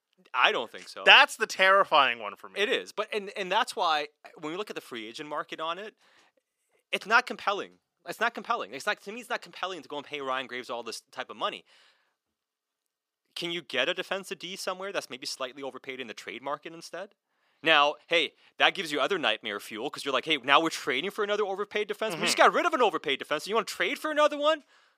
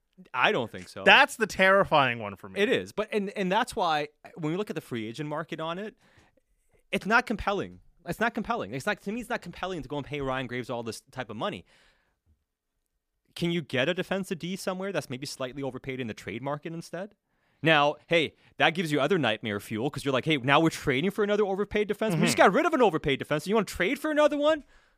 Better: second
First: thin; somewhat; fading below 350 Hz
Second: none

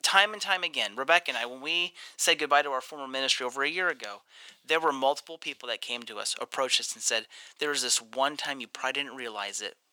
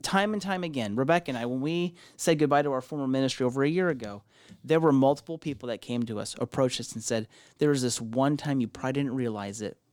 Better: second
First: thin; very; fading below 900 Hz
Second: none

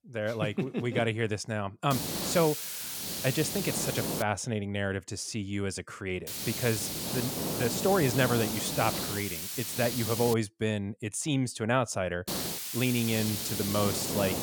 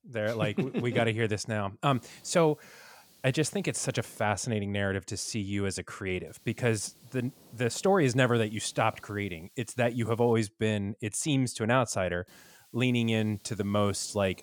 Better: second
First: hiss; loud; from 2 to 4 s, from 6.5 to 10 s and from 12 s on; 2 dB below the speech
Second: hiss; faint; from 2 to 4 s, from 6.5 to 10 s and from 12 s on; 25 dB below the speech

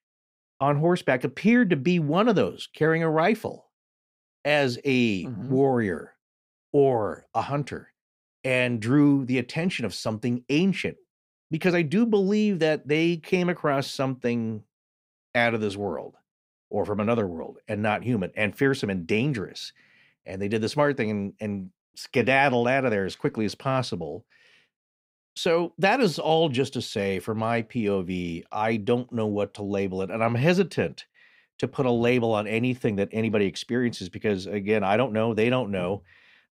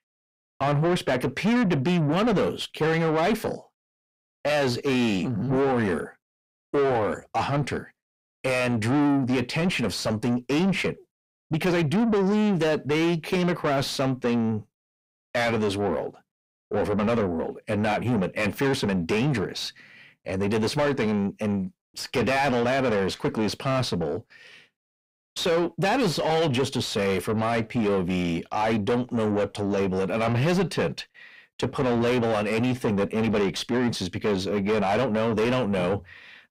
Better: first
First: none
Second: distortion; heavy; 7 dB below the speech

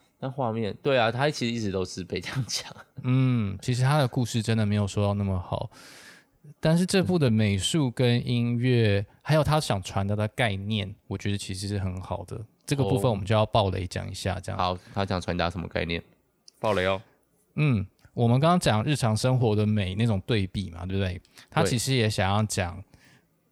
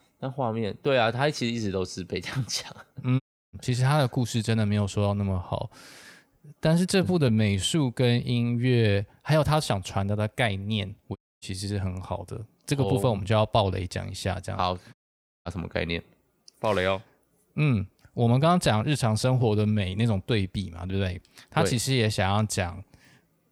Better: first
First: none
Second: audio cutting out; at 3 s, at 11 s and at 15 s for 0.5 s

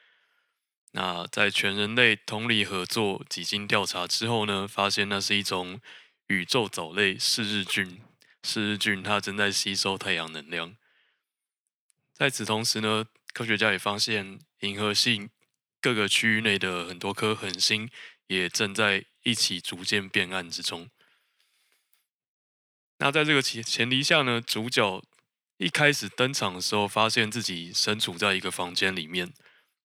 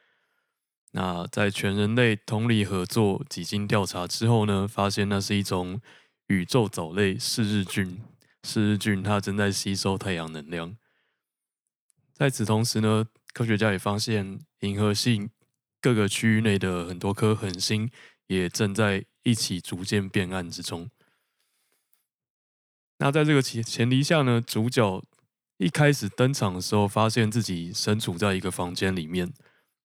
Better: second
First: thin; somewhat; fading below 350 Hz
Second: none

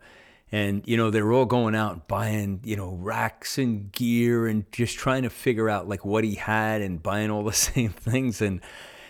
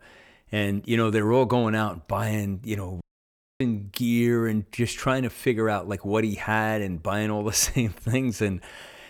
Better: first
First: none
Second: audio cutting out; at 3 s for 0.5 s

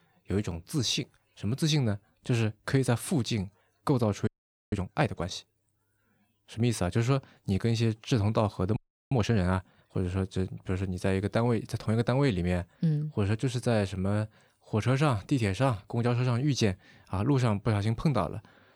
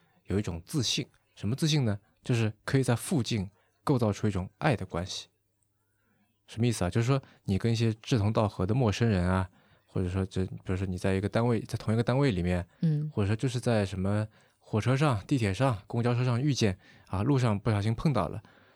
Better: second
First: audio freezing; at 4.5 s and at 9 s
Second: none

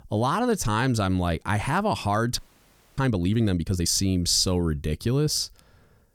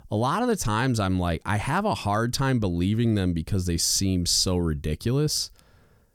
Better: second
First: audio freezing; at 2.5 s for 0.5 s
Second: none

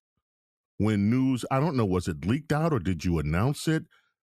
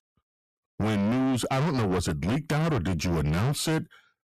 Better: first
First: none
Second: distortion; heavy; 6 dB below the speech

